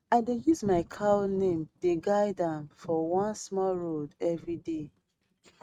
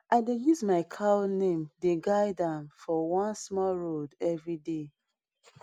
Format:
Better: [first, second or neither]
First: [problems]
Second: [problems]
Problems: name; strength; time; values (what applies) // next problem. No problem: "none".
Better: second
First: noise reduction (neural mask model RNNoise)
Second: none